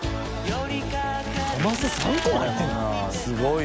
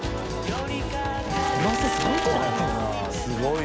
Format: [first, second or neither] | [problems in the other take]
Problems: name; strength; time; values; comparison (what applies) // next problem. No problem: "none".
first | background sound (Piano / Organ + Wind instrument, woodwind instrument); 2 dB below the speech